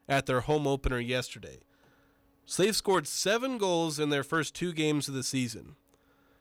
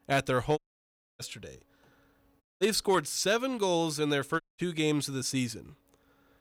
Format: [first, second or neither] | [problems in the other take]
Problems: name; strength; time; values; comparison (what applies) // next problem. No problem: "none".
first | audio cutting out; at 0.5 s for 0.5 s, at 2.5 s and at 4.5 s